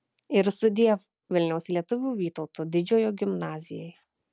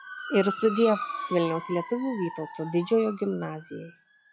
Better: first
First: none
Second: noise reduction (classical method log-MMSE)

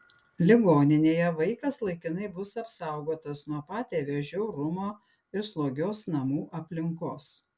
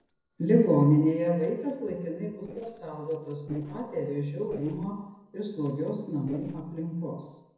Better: first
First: none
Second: noise reduction (neural separator model SepFormer DNS4)

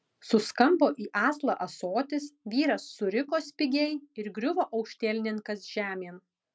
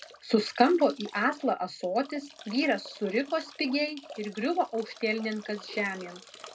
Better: first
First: none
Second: background sound (Drip / Trickle, dribble / Bathtub (filling or washing)); 19 dB below the speech // room echo; dies away in 0.2 s

